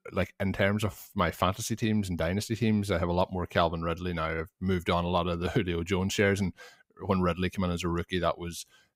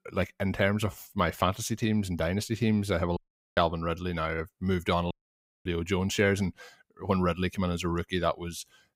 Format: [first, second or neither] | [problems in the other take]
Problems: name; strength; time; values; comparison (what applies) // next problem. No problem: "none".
first | audio cutting out; at 3 s and at 5 s for 0.5 s